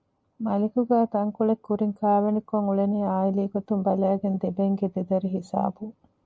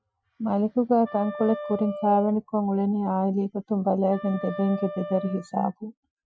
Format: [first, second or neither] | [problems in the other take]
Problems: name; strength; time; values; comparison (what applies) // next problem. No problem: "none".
first | noise reduction (classical method Wiener filter)